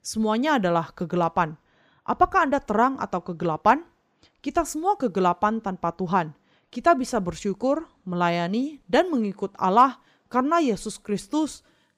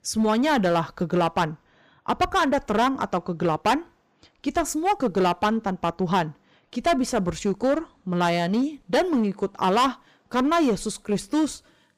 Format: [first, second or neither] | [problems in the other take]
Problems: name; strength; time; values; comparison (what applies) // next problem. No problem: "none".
first | distortion; heavy; 8% of the sound clipped